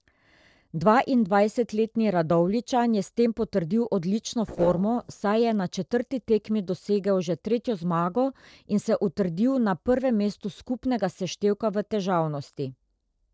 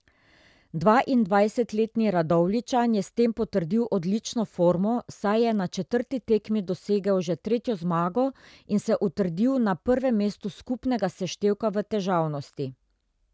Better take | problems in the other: second | noise reduction (neural separator model SepFormer DNS4)

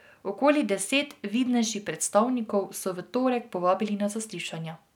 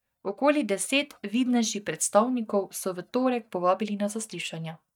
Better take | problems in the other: first | noise reduction (neural mask model DeepFilterNet 3)

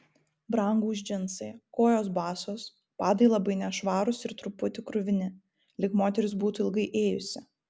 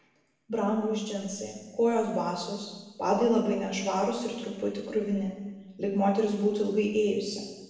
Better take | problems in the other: first | room echo; dies away in 1.2 s

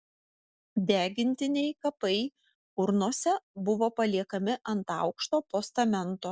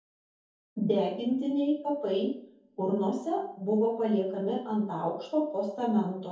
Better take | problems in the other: first | room echo; dies away in 0.6 s

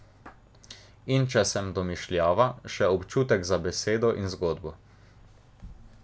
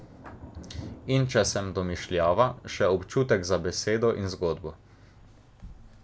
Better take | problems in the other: first | background sound (Thunder); 19 dB below the speech

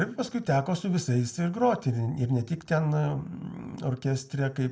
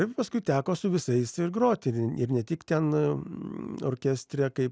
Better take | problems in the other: second | room echo; dies away in 0.3 s

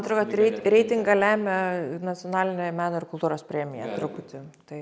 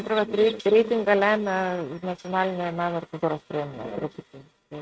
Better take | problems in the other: first | noise reduction (neural mask model RNNoise)

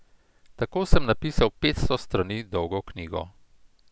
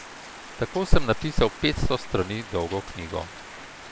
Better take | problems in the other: first | background sound (Rain); 16 dB below the speech

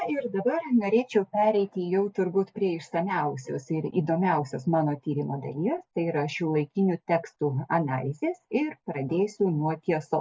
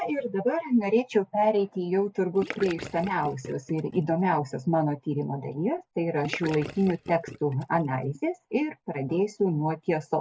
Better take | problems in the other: first | background sound (Gurgling / Liquid); 14 dB below the speech

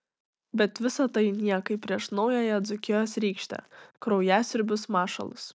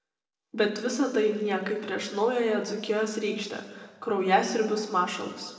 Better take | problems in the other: first | room echo; dies away in 1.1 s

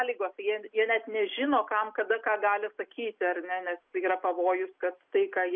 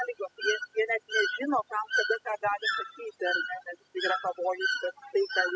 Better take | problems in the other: first | noise reduction (classical method spectral subtraction)

